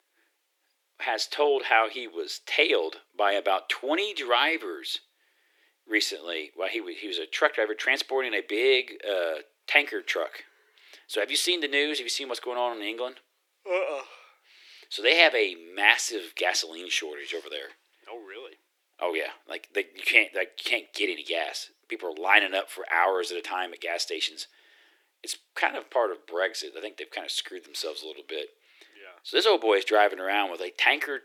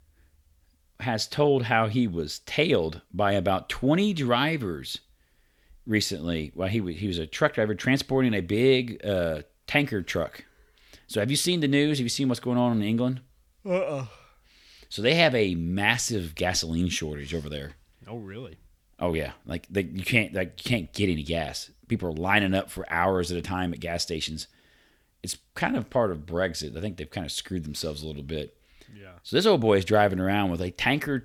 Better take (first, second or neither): second